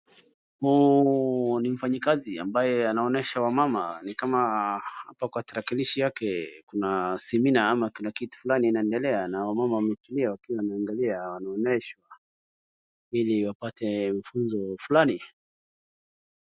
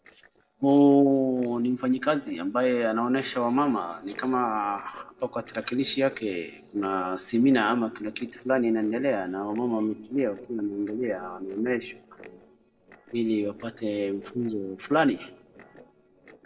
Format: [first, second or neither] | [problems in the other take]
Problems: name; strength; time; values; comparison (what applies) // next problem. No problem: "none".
first | noise reduction (neural separator model SepFormer DNS4)